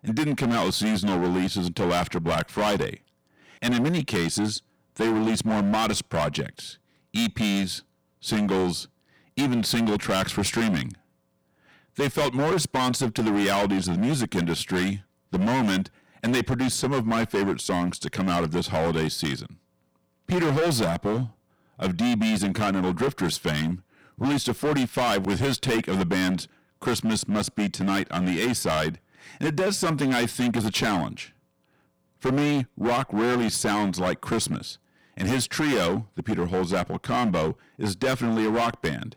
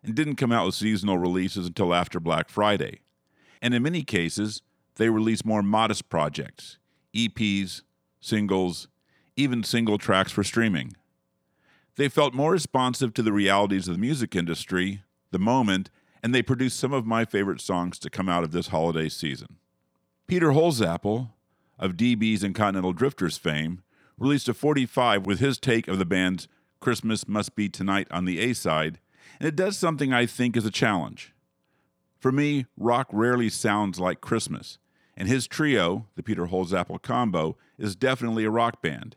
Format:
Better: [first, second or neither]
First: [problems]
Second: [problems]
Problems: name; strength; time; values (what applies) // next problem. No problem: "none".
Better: second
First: distortion; heavy; 19% of the sound clipped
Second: none